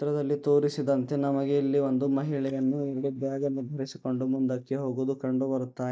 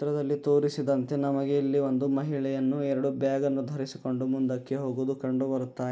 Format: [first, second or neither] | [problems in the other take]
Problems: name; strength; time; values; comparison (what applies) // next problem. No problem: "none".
second | noise reduction (neural mask model DeepFilterNet 3)